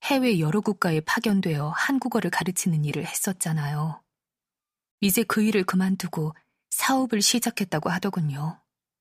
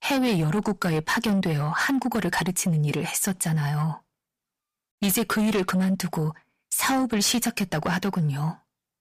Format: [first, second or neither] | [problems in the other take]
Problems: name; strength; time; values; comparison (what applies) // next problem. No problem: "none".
first | distortion; slight; 10 dB below the speech